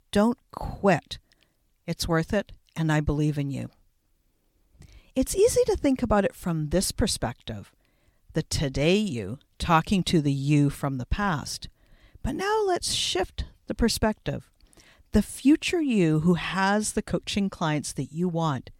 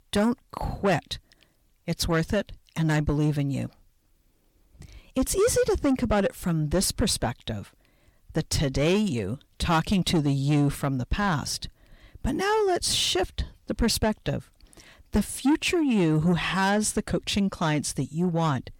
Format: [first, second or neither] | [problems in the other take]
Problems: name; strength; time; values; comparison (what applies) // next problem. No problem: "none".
first | distortion; slight; 10 dB below the speech